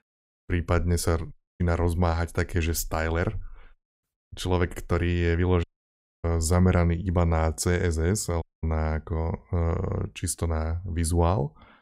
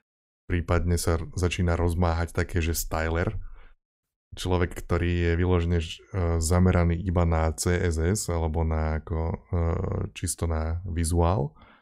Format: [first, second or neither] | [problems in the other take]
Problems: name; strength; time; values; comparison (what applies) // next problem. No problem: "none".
second | audio cutting out; at 1.5 s, at 5.5 s for 0.5 s and at 8.5 s